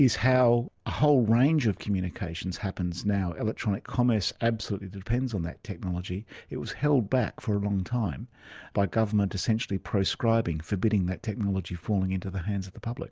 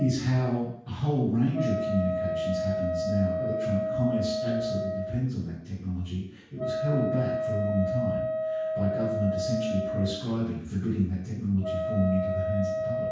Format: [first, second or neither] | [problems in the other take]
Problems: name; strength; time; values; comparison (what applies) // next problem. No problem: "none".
first | background sound (Wind instrument, woodwind instrument); 3 dB below the speech // room echo; dies away in 0.6 s